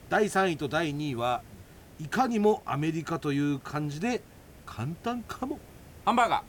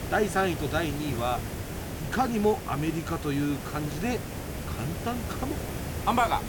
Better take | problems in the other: first | hiss; loud; throughout; 6 dB below the speech; faint in the first

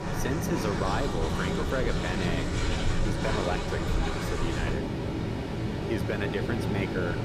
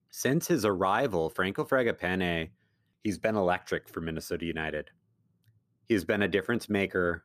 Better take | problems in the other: second | train or aircraft noise; very loud; throughout; 4 dB above the speech

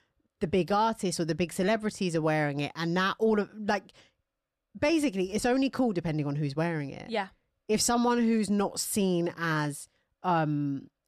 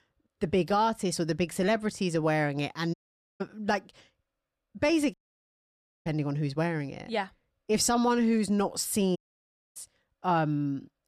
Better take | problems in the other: first | audio cutting out; at 3 s, at 5 s for 1 s and at 9 s for 0.5 s

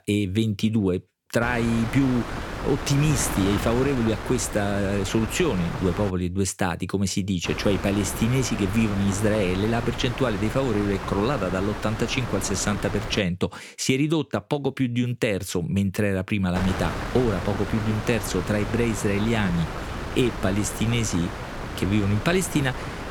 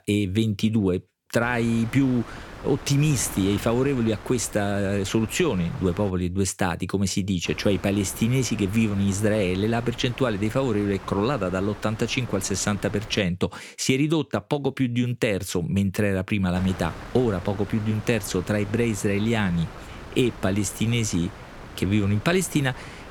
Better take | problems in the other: second | wind noise on the microphone; heavy; from 1.5 to 6 s, from 7.5 to 13 s and from 17 s on; 6 dB below the speech; occasional gusts in the second

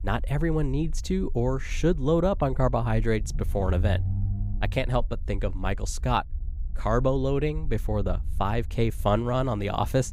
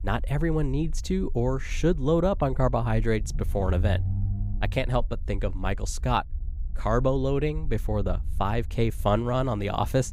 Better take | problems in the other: neither | low rumble; faint; throughout; 25 dB below the speech; the same in both

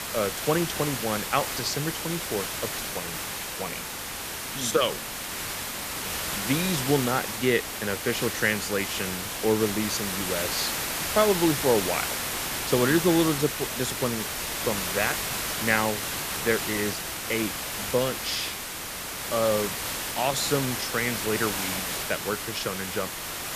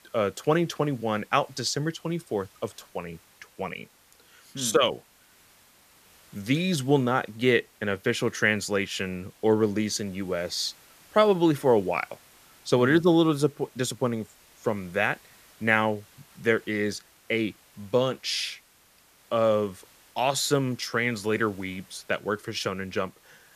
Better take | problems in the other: second | hiss; loud; throughout; 2 dB below the speech; faint in the second

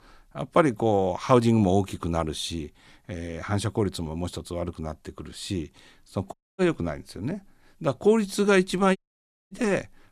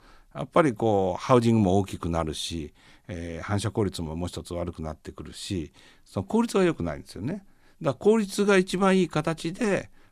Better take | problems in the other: second | audio cutting out; at 6.5 s and at 9 s for 0.5 s

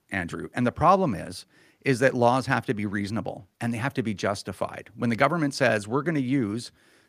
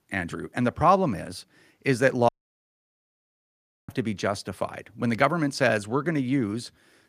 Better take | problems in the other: first | audio cutting out; at 2.5 s for 1.5 s

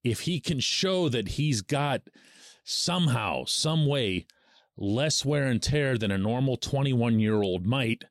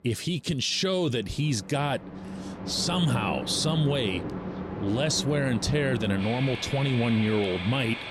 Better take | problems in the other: first | train or aircraft noise; loud; throughout; 8 dB below the speech

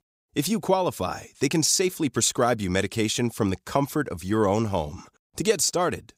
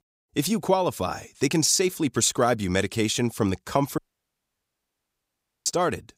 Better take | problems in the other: first | audio cutting out; at 4 s for 1.5 s

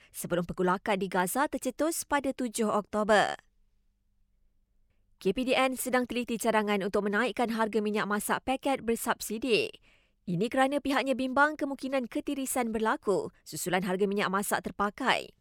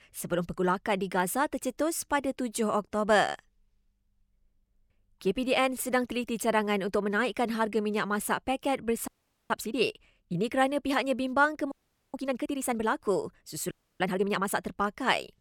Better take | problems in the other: first | audio freezing; at 9 s, at 12 s and at 14 s

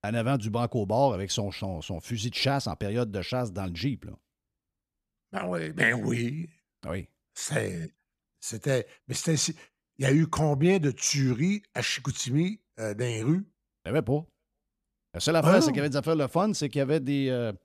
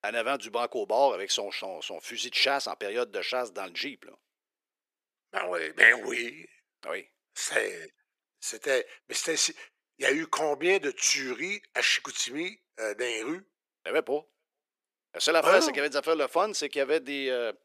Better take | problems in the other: first | thin; very; fading below 400 Hz

